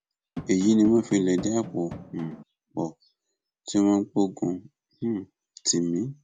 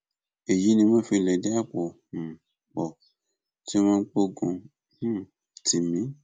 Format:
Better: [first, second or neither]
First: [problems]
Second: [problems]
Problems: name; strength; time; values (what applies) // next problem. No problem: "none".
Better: second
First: background sound (Drum); 12 dB below the speech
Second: none